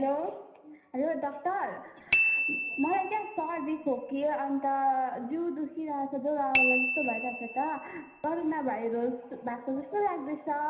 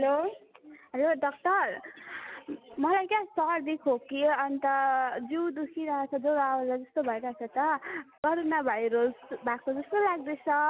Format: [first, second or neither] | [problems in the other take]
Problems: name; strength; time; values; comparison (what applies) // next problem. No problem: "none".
second | background sound (Bicycle bell); 3 dB below the speech // room echo; dies away in 0.9 s